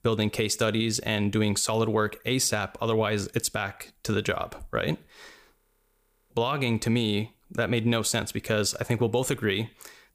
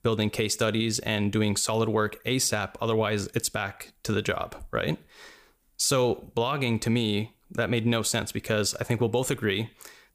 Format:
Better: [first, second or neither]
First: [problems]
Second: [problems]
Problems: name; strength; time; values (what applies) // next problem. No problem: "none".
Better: second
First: audio freezing; at 5.5 s for 0.5 s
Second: none